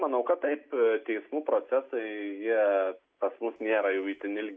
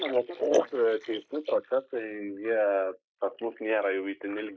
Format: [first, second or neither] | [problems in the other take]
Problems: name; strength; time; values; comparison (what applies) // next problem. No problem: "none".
first | noise reduction (neural mask model Resemble Enhance denoiser)